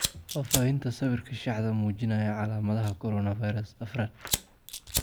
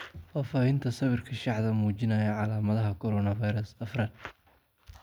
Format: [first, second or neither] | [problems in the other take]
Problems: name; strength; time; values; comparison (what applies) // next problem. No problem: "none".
second | background sound (Fire); 8 dB below the speech